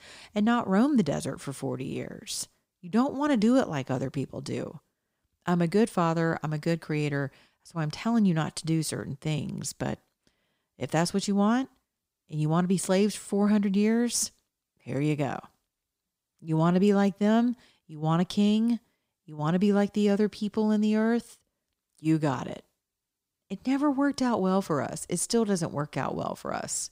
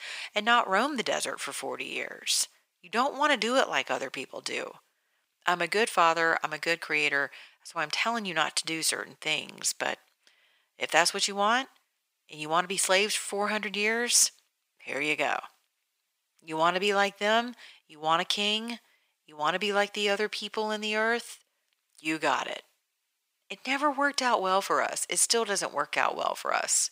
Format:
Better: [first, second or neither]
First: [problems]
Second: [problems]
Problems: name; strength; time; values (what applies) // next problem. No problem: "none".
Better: first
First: none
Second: thin; very; fading below 700 Hz